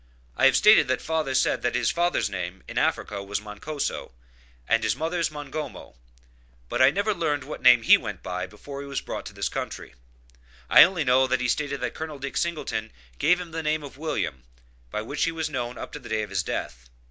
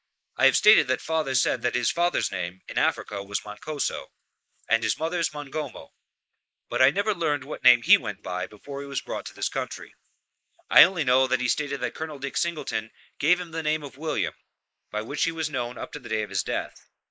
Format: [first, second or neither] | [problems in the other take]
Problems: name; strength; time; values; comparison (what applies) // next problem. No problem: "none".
first | noise reduction (neural mask model Resemble Enhance denoiser)